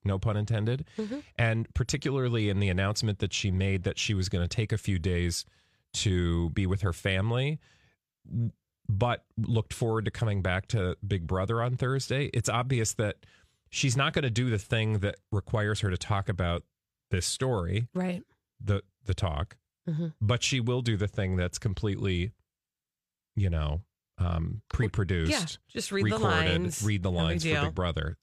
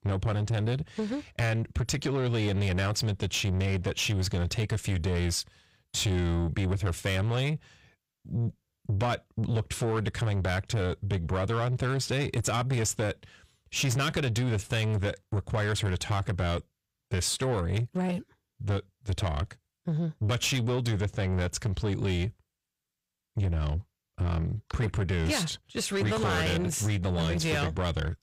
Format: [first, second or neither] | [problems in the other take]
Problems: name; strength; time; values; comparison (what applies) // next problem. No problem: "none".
first | distortion; slight; 10 dB below the speech